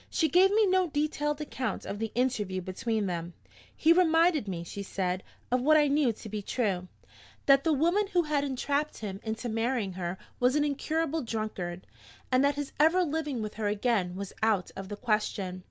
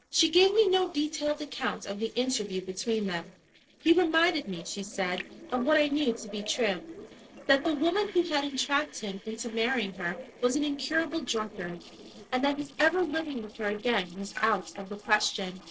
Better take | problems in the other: first | noise reduction (neural separator model SepFormer DNS4)

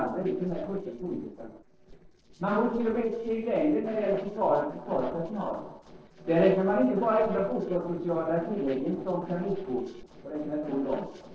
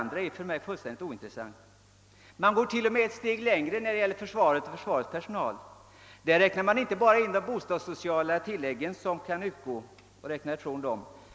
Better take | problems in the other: second | noise reduction (neural separator model SepFormer DNS4)

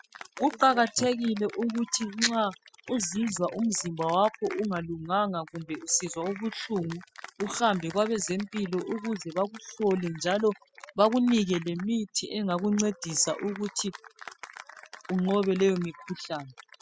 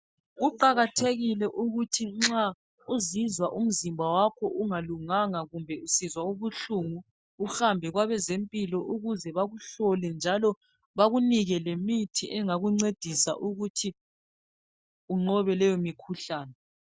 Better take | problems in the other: second | noise reduction (classical method spectral subtraction)

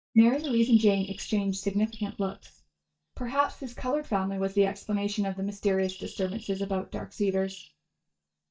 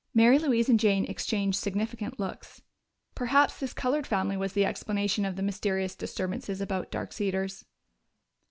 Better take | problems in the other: second | noise reduction (neural mask model DeepFilterNet 3)

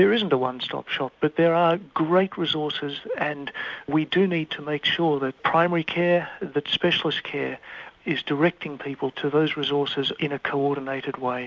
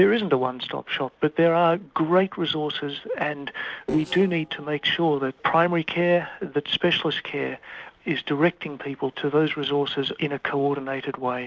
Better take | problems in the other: first | noise reduction (neural separator model SepFormer DNS4)

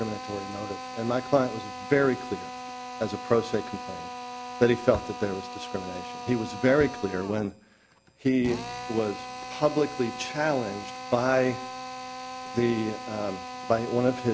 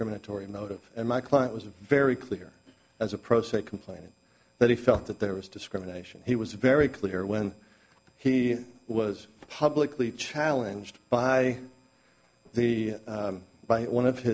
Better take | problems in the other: second | background sound (Drill); 10 dB below the speech

